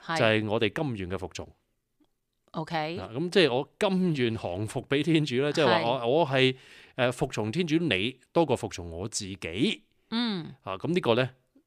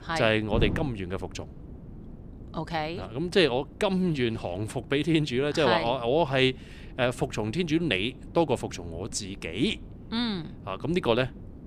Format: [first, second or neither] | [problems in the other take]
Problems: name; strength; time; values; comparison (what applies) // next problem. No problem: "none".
first | wind noise on the microphone; occasional gusts; 20 dB below the speech